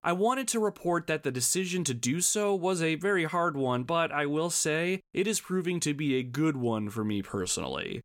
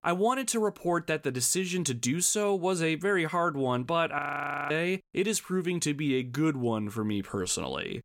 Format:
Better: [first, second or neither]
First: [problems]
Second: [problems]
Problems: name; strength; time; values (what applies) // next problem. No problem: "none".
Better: first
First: none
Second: audio freezing; at 4 s for 0.5 s